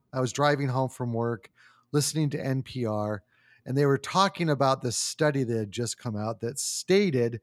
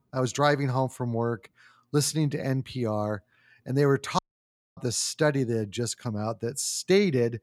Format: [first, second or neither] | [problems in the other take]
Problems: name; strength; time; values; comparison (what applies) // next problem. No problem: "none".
first | audio cutting out; at 4 s for 0.5 s